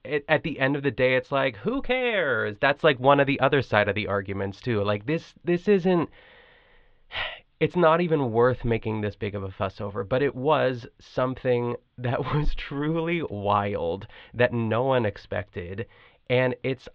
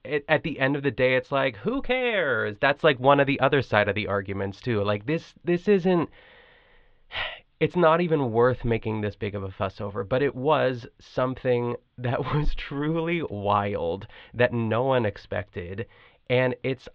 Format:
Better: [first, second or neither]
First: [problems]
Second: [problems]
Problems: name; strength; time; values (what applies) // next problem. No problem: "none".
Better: neither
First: muffled; very; fading above 3.5 kHz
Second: muffled; very; fading above 3.5 kHz